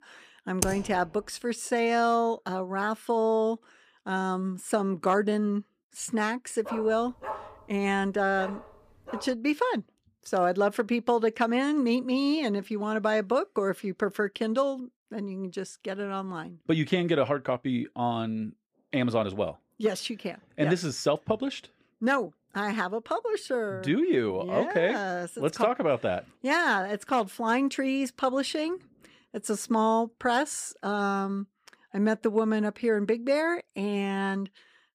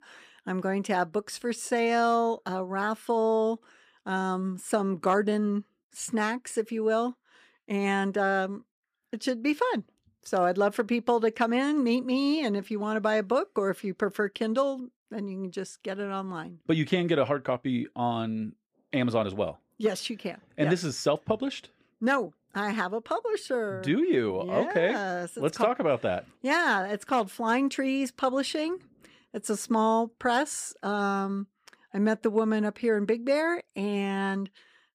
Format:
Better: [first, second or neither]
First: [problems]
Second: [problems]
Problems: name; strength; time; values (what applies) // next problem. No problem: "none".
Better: second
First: keyboard typing; noticeable; at 0.5 s; peak 3 dB below the speech // dog barking; noticeable; from 6.5 to 9.5 s; peak 10 dB below the speech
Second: none